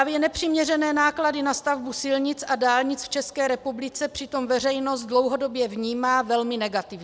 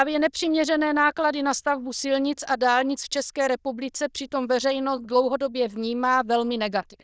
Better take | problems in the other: first | noise reduction (neural diffusion model UNIVERSE++)

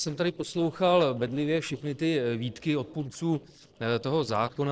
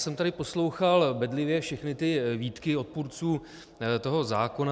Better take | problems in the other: second | noise reduction (neural separator model SepFormer DNS4)

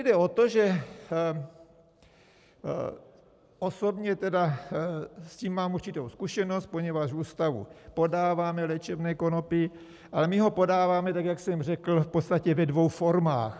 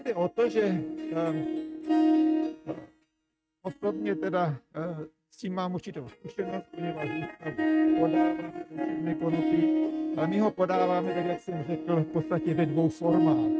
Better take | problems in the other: first | noise reduction (neural mask model RNNoise)

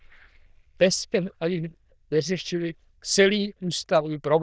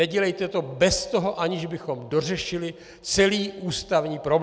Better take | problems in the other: second | noise reduction (neural diffusion model UNIVERSE++)

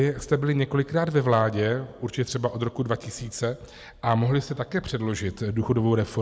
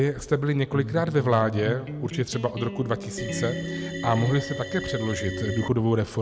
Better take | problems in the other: first | background sound (Organ + Electric guitar); 7 dB below the speech

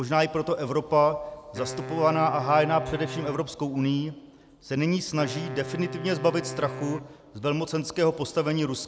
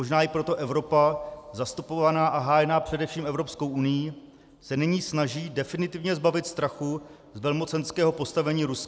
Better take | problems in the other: second | background sound (Wind instrument, woodwind instrument); 12 dB below the speech

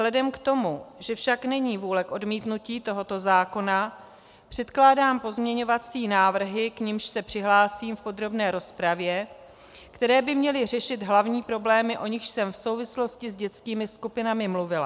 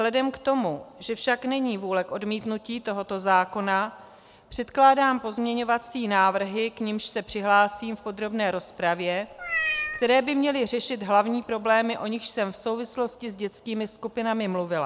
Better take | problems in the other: first | background sound (Meow); 4 dB below the speech

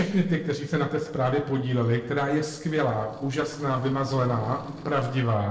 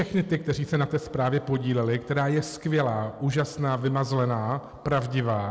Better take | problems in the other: second | noise reduction (neural separator model SepFormer DNS4)

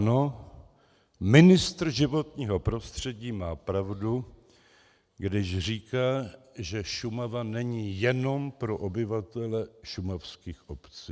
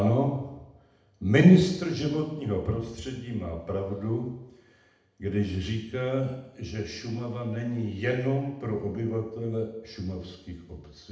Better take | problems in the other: first | room echo; dies away in 0.8 s

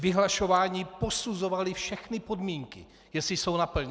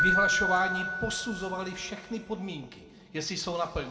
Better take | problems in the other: first | background sound (Keyboard (musical)); 1 dB above the speech // room echo; dies away in 1.6 s

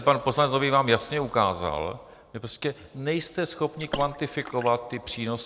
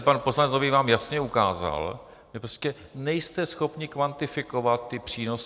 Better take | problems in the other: second | background sound (Water / Splash, splatter); 13 dB below the speech

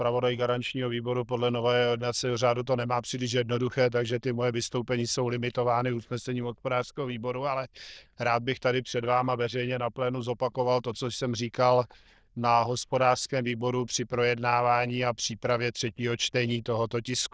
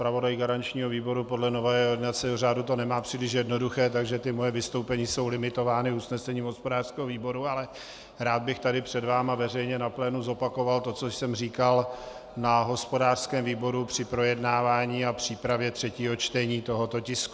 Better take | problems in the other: second | noise reduction (neural diffusion model UNIVERSE++)

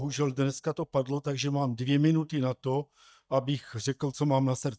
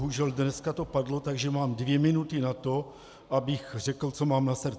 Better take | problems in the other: second | noise reduction (neural mask model DeepFilterNet 3)

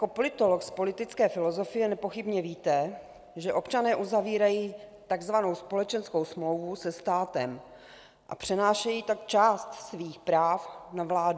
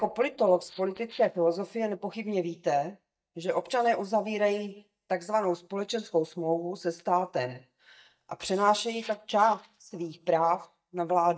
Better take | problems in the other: first | noise reduction (neural mask model DeepFilterNet 3)

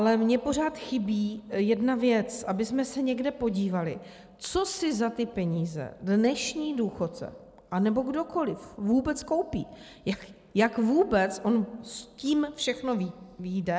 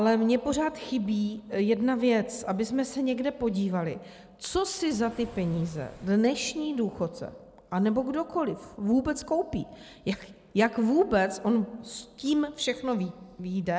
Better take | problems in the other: first | background sound (Engine / Car); 20 dB below the speech

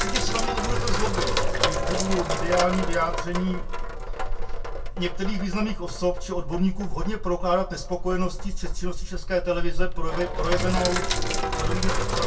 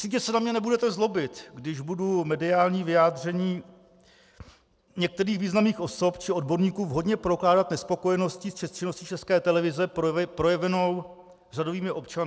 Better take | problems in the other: second | background sound (Sink (filling or washing)); 4 dB above the speech // room echo; dies away in 0.2 s

